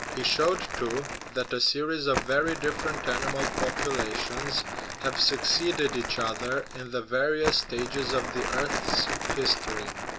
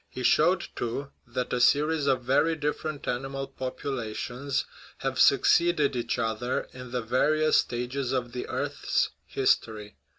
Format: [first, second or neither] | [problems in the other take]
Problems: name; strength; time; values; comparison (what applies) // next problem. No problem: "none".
second | background sound (Crumpling, crinkling); 4 dB below the speech